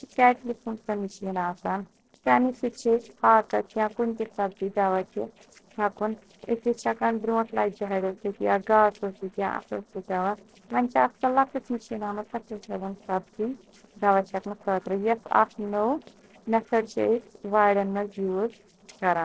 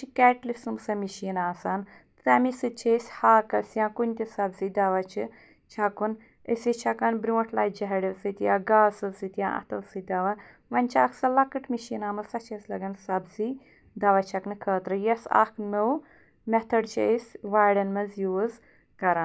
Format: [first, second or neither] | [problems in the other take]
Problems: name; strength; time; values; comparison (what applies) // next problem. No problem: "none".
second | noise reduction (neural separator model SepFormer DNS4)